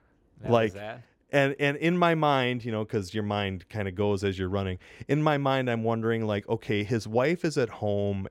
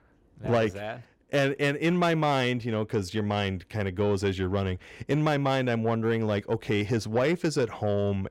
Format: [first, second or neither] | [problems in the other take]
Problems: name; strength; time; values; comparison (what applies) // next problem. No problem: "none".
first | distortion; slight; 10 dB below the speech